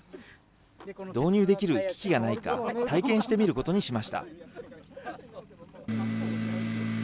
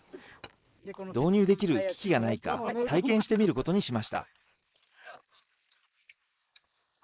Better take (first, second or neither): first